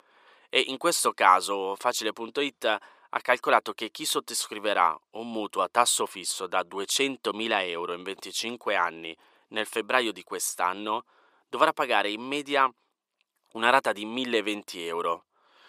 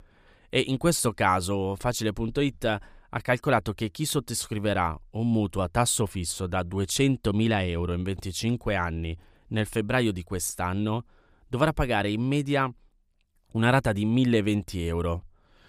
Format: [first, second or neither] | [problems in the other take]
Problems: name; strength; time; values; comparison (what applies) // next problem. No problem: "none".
second | thin; very; fading below 350 Hz